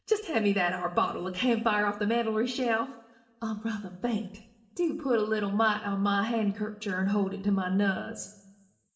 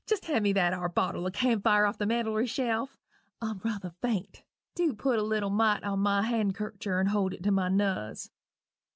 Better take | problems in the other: second | room echo; dies away in 0.8 s

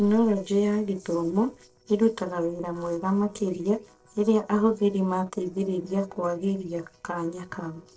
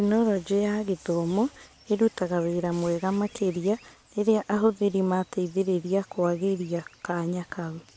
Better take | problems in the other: second | noise reduction (neural separator model SepFormer DNS4)

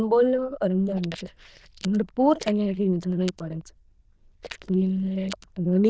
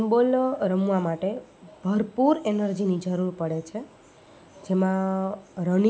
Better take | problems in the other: second | noise reduction (neural diffusion model UNIVERSE++)

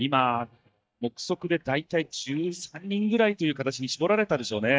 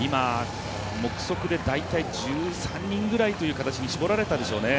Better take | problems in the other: second | noise reduction (neural mask model DeepFilterNet 3)

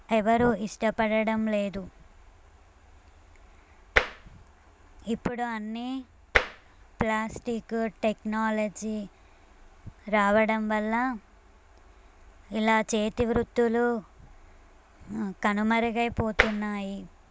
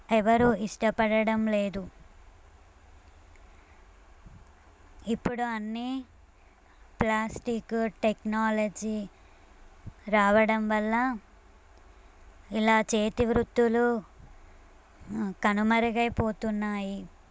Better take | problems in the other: second | background sound (Tap); 2 dB above the speech

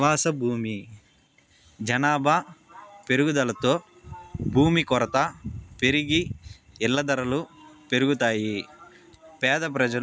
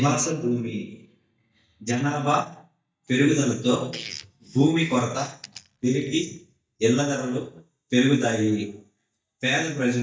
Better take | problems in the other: first | noise reduction (neural mask model DeepFilterNet 3)

